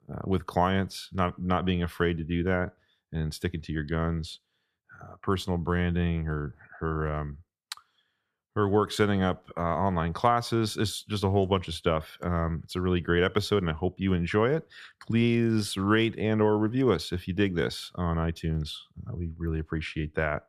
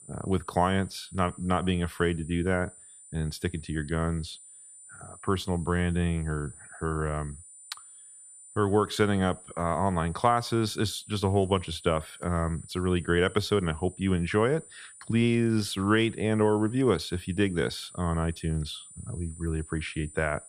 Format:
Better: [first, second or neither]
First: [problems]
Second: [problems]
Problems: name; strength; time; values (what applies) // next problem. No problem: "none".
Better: first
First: none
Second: high-pitched whine; noticeable; throughout; 9 kHz, 20 dB below the speech